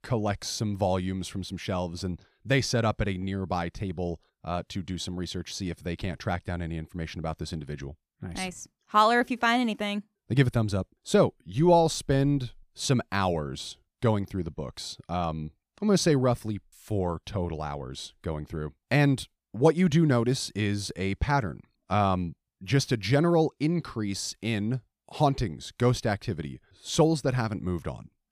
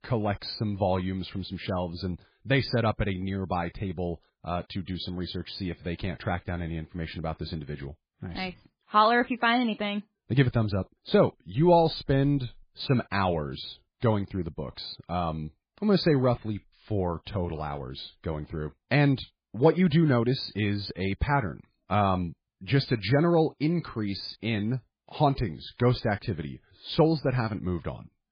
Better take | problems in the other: first | garbled, watery; badly; nothing above 4.5 kHz

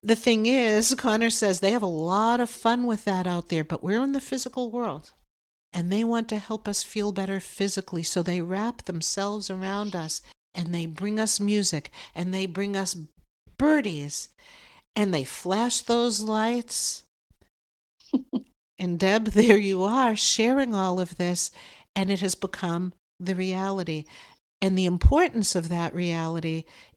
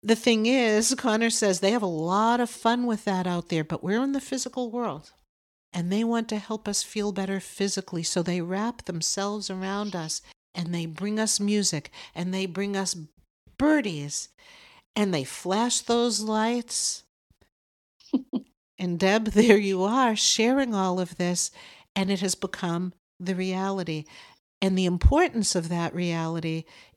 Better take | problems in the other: second | garbled, watery; slightly; nothing above 18.5 kHz

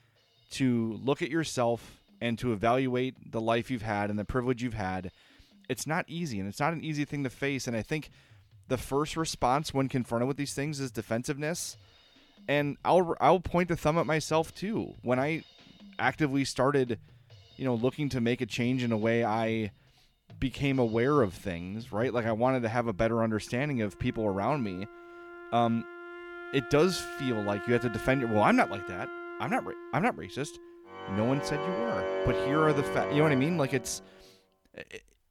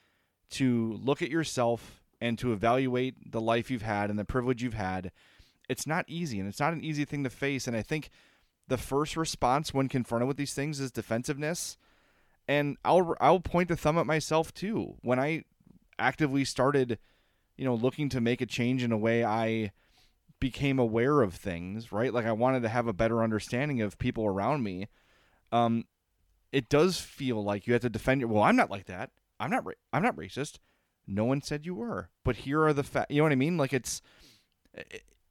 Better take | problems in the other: second | background music; loud; throughout; 8 dB below the speech

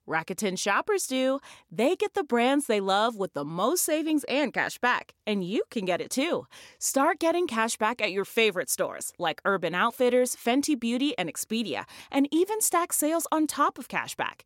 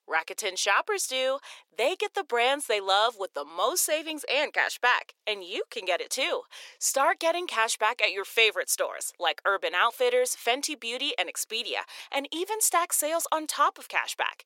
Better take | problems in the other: first | thin; very; fading below 450 Hz

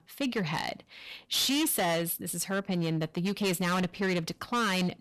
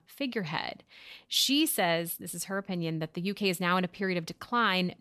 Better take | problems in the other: second | distortion; heavy; 17% of the sound clipped

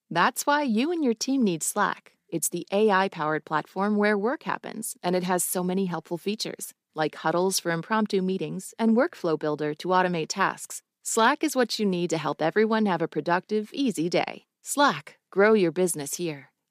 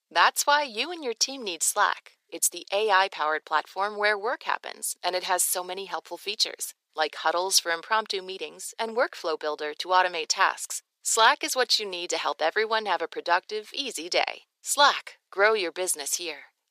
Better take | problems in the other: first | thin; very; fading below 550 Hz

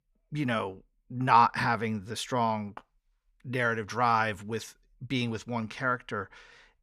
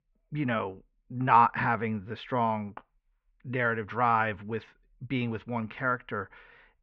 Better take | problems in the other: first | muffled; very; fading above 3 kHz

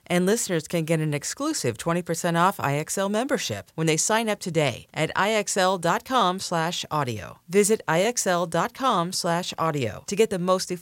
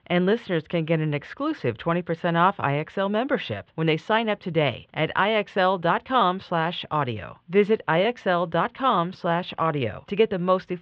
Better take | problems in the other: first | muffled; very; fading above 3.5 kHz

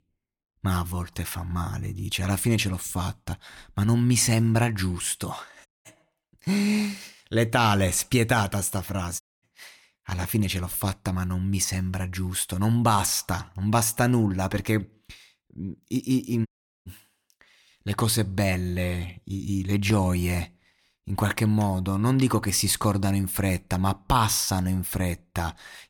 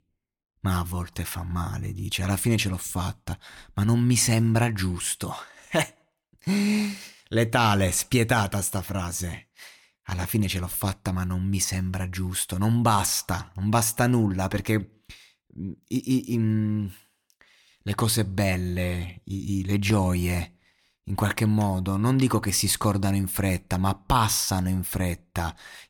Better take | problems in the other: second | audio cutting out; at 5.5 s, at 9 s and at 16 s

